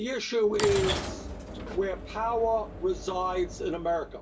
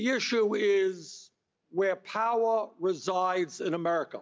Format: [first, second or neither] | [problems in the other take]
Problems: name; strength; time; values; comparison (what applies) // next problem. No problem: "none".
second | background sound (Sliding door / Train); 8 dB below the speech // room echo; dies away in 0.2 s